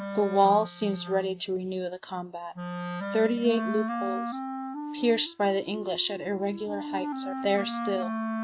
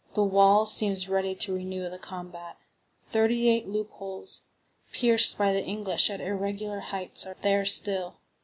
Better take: second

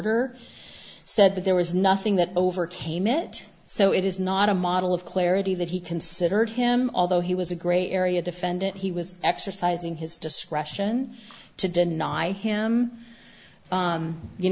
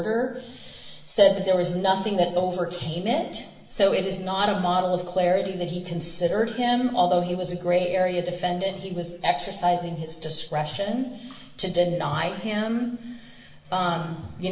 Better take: first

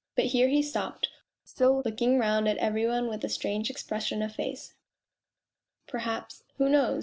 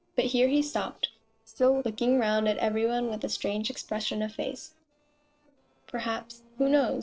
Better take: first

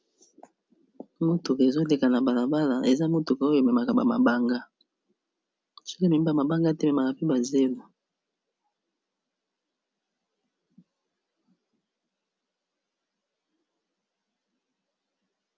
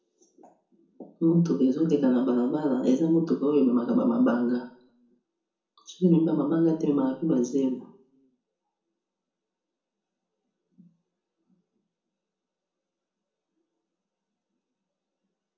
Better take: first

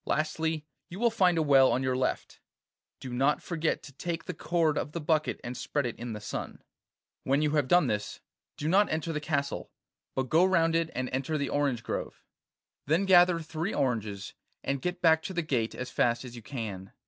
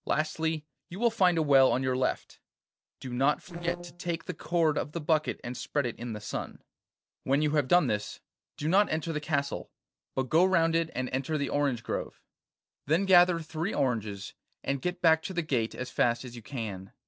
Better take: first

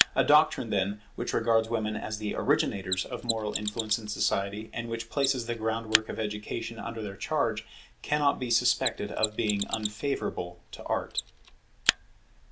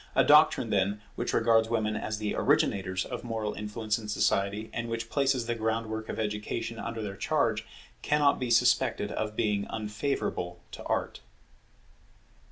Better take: second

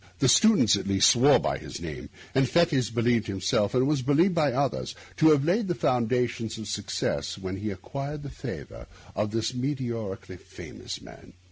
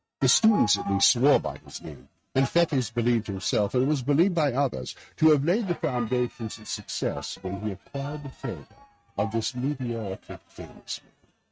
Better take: first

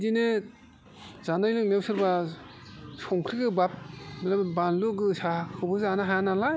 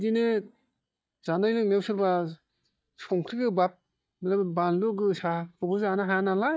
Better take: first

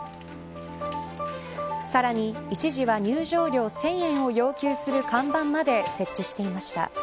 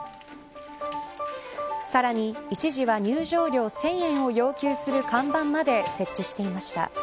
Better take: second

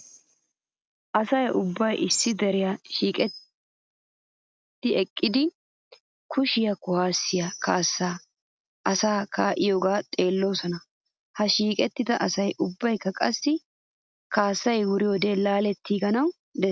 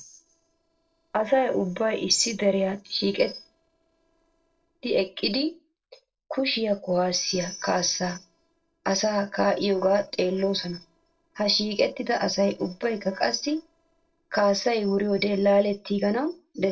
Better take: first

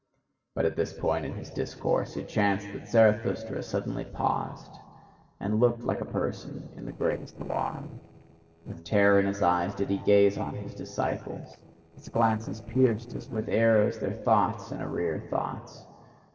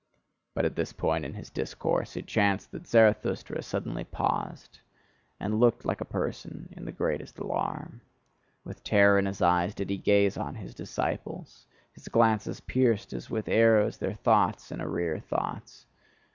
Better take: second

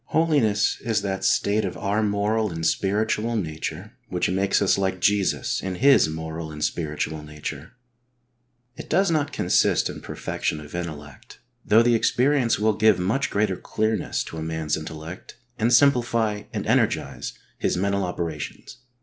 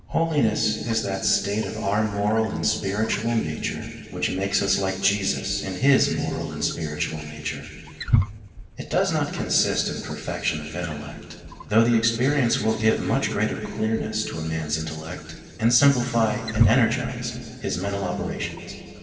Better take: first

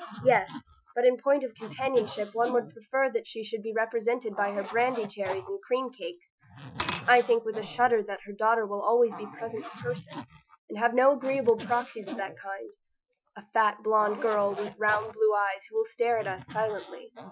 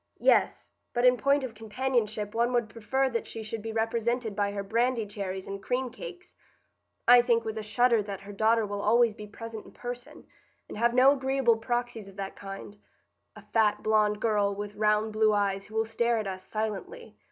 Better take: second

